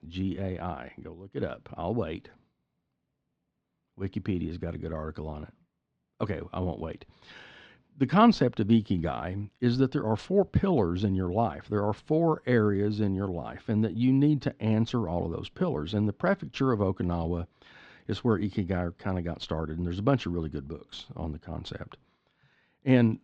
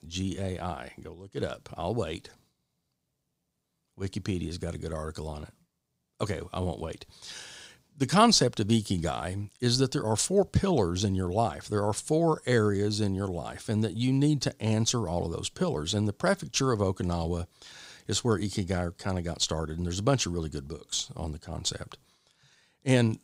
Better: second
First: muffled; very; fading above 2.5 kHz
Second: none

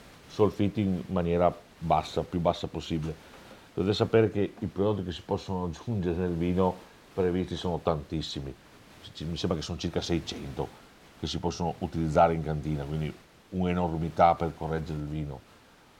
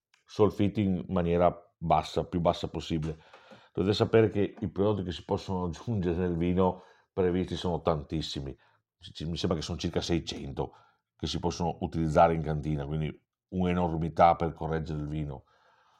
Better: second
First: hiss; faint; throughout; 25 dB below the speech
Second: none

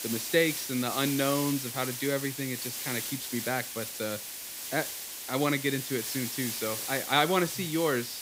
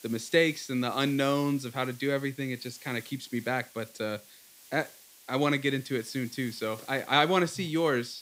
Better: second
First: hiss; loud; throughout; 4 dB below the speech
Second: hiss; faint; throughout; 20 dB below the speech

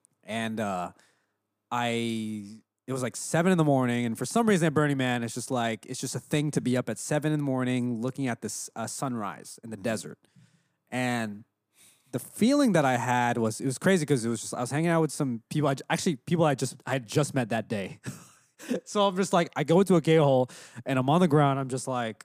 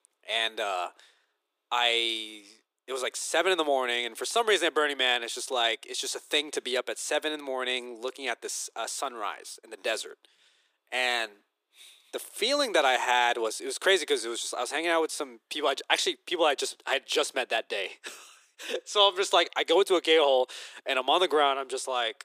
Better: first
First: none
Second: thin; very; fading below 350 Hz

